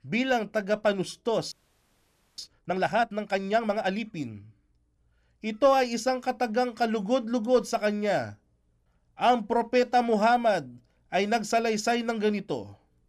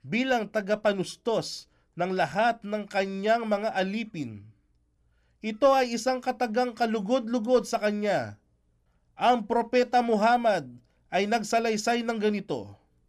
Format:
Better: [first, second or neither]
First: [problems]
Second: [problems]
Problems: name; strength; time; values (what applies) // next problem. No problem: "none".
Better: second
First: audio freezing; at 1.5 s for 1 s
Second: none